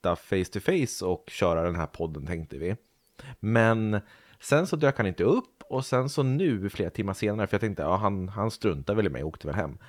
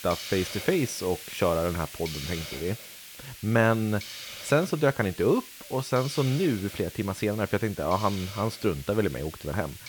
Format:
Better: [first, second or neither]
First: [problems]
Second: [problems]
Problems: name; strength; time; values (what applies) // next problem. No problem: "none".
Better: first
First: none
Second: hiss; noticeable; throughout; 10 dB below the speech